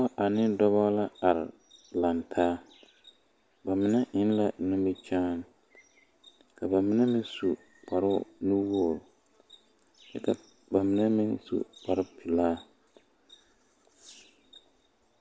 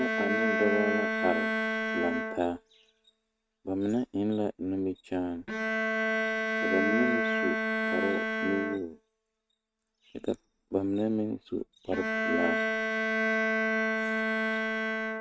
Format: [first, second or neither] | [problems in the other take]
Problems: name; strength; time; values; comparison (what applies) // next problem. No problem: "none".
first | noise reduction (neural mask model RNNoise)